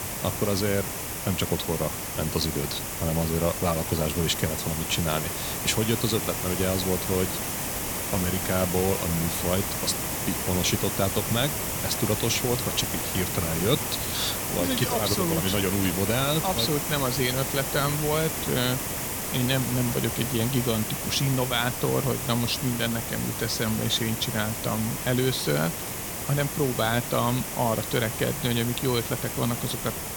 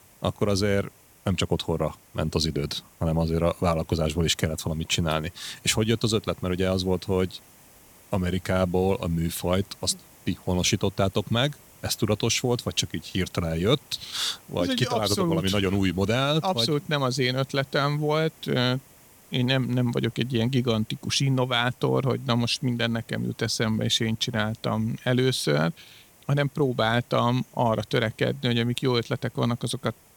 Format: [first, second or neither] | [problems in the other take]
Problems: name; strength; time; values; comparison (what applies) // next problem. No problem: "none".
second | hiss; loud; throughout; 2 dB below the speech; faint in the second